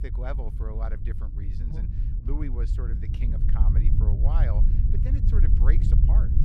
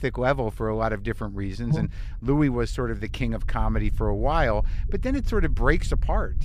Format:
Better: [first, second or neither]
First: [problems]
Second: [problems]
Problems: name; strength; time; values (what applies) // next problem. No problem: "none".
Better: second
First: low rumble; loud; throughout; 1 dB below the speech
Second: low rumble; faint; throughout; 25 dB below the speech